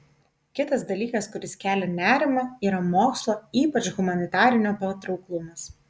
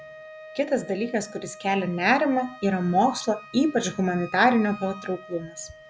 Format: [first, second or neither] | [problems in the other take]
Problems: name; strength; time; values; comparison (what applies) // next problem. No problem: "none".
first | background sound (Wind instrument, woodwind instrument); 19 dB below the speech